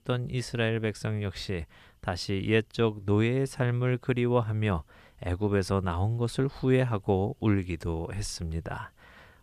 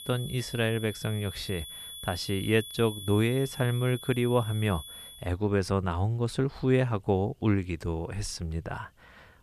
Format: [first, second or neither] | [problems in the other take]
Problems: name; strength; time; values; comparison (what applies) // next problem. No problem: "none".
first | high-pitched whine; noticeable; until 5 s; 3.5 kHz, 10 dB below the speech